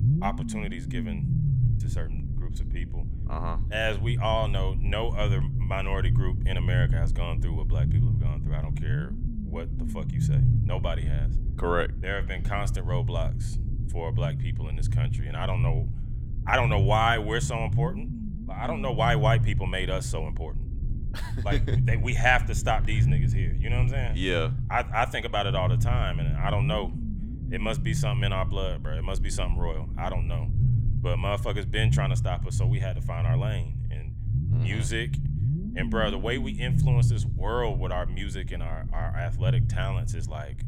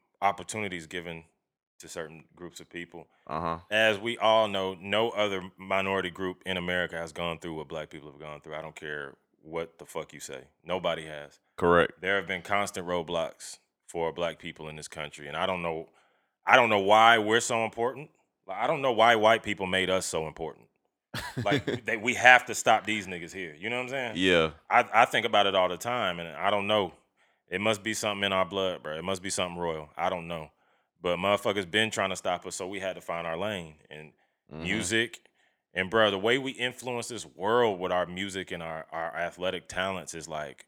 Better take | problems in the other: second | low rumble; noticeable; throughout; 10 dB below the speech

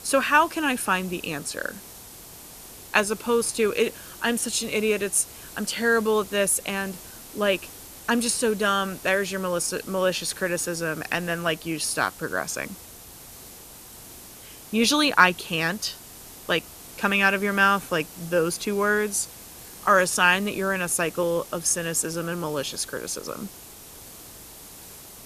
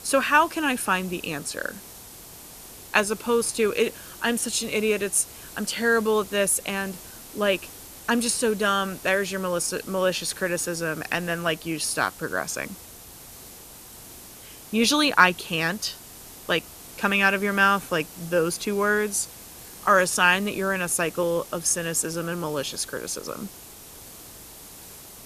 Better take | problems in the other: neither | hiss; noticeable; throughout; 15 dB below the speech; the same in both

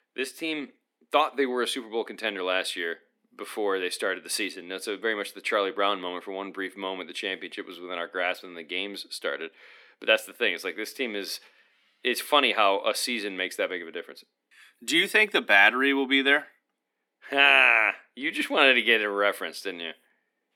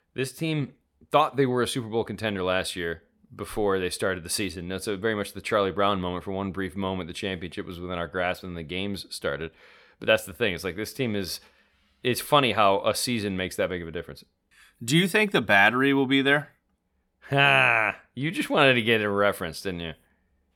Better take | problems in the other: second | thin; very slightly; fading below 250 Hz

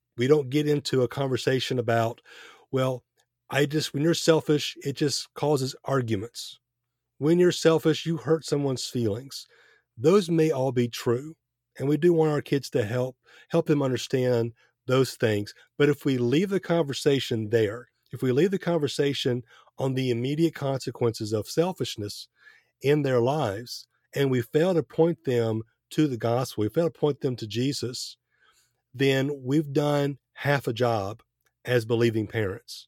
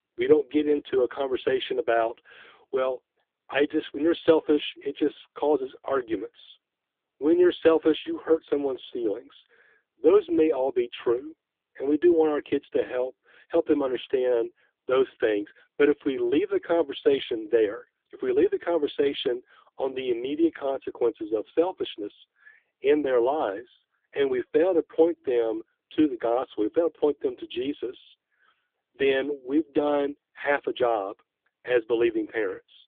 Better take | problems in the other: first | phone-call audio; poor line; nothing above 3.5 kHz

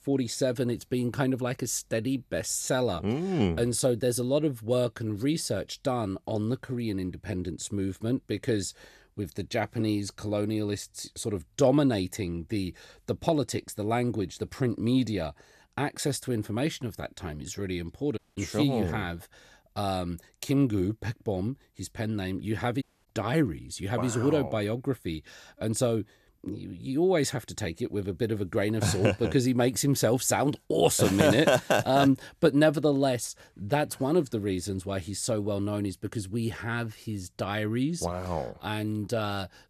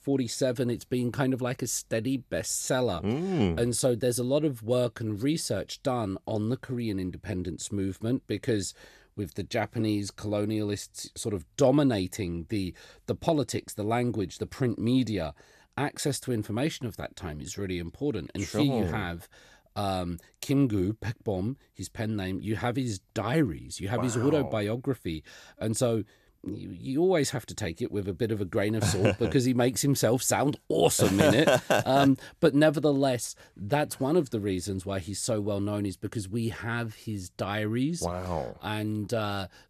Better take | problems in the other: second | audio cutting out; at 18 s and at 23 s

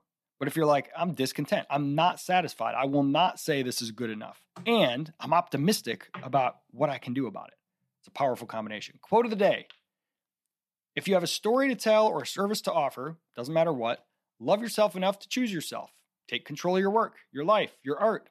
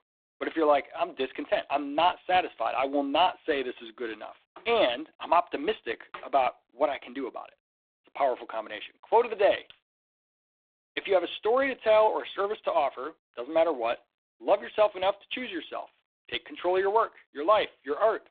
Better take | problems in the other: first | phone-call audio; poor line

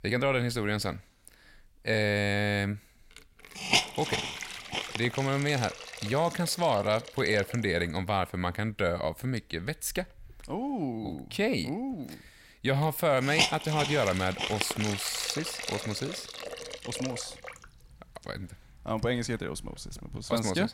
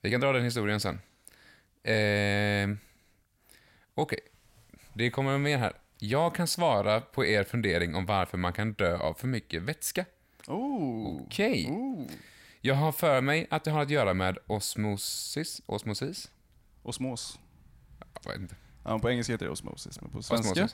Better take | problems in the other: second | hiss; loud; throughout; 3 dB below the speech

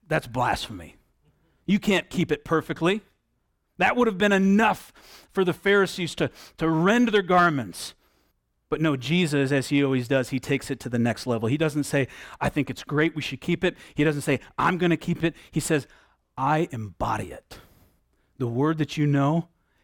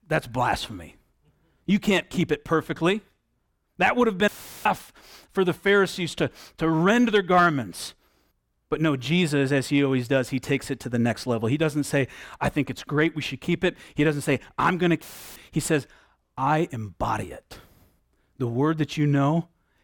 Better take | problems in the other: first | audio cutting out; filled with static; at 4.5 s and at 15 s

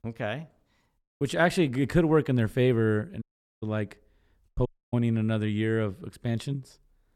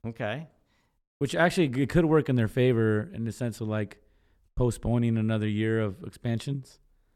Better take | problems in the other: second | audio cutting out; at 3 s and at 4.5 s

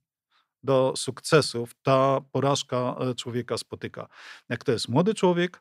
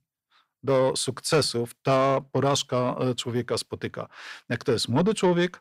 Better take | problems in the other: first | distortion; slight; 10 dB below the speech

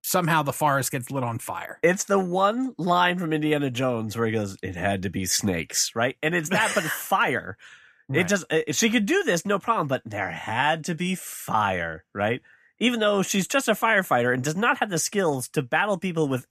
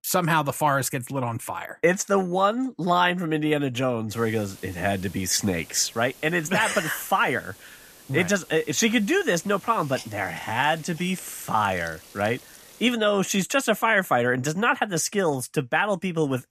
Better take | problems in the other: first | hiss; faint; from 4 to 13 s; 20 dB below the speech

